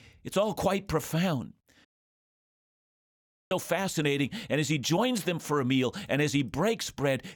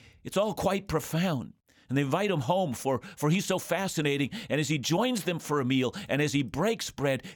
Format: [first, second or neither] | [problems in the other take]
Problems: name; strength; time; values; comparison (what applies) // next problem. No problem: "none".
second | audio cutting out; at 2 s for 1.5 s